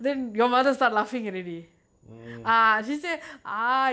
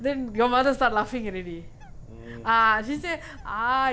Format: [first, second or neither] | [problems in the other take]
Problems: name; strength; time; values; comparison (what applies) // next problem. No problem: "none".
first | background sound (Bird); 16 dB below the speech